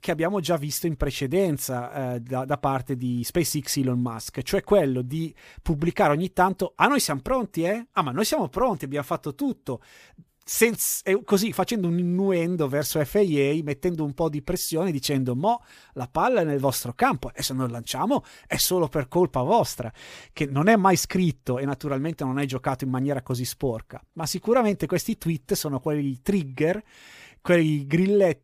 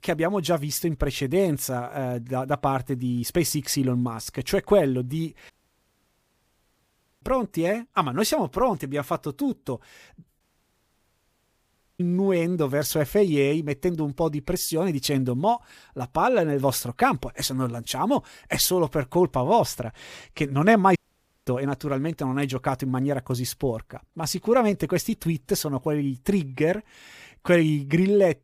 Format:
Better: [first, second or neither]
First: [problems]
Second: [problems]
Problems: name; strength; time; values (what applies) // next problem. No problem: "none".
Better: first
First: none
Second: audio cutting out; at 5.5 s for 1.5 s, at 10 s for 1.5 s and at 21 s for 0.5 s